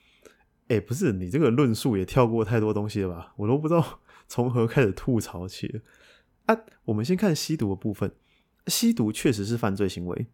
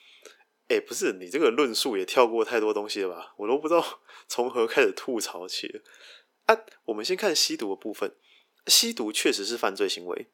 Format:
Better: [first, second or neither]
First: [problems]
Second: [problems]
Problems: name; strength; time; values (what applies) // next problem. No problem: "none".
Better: first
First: none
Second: thin; very; fading below 350 Hz